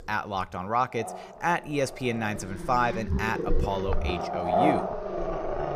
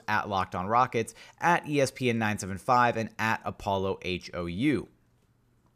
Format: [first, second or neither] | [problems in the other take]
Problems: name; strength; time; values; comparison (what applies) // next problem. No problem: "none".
second | animal sounds; loud; throughout; 1 dB below the speech